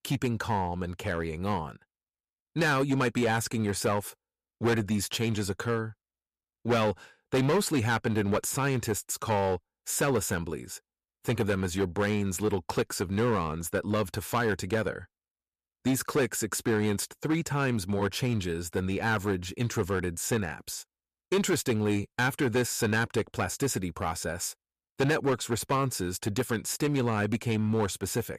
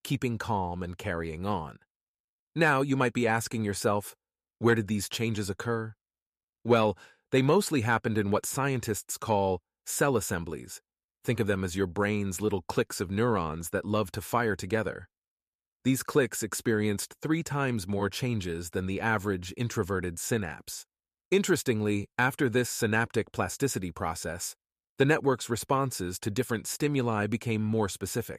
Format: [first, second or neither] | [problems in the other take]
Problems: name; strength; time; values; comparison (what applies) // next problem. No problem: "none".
second | distortion; slight; 7% of the sound clipped